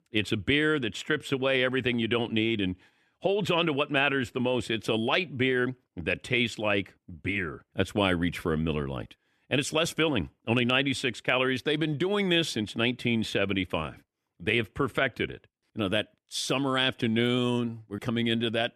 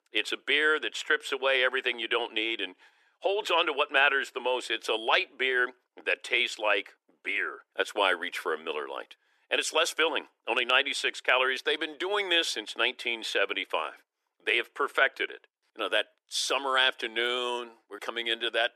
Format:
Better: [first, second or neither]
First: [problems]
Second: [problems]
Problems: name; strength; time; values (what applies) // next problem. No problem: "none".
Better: first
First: none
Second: thin; very; fading below 400 Hz